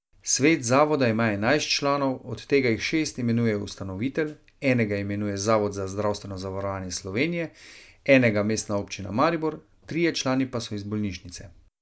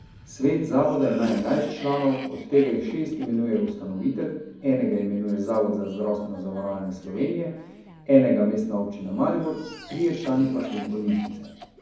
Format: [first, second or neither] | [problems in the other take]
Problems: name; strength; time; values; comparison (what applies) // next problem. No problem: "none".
first | background sound (Cough); 19 dB below the speech // room echo; dies away in 1.2 s